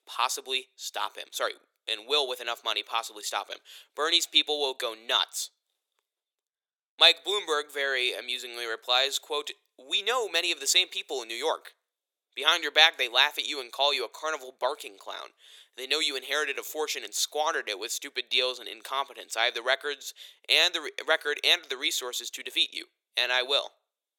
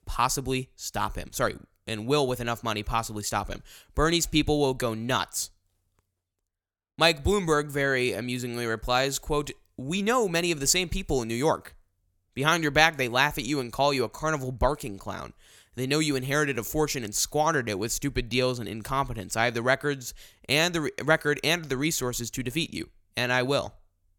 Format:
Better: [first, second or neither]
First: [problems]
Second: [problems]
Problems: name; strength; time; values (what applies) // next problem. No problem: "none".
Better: second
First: thin; very; fading below 400 Hz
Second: none